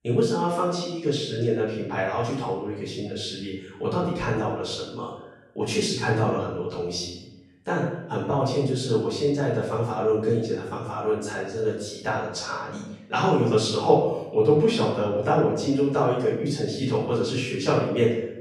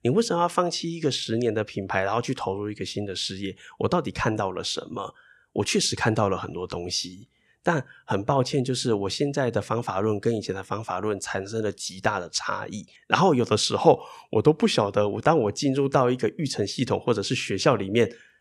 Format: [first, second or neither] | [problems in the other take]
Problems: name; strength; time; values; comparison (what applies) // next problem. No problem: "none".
second | off-mic speech; far // room echo; noticeable; dies away in 0.8 s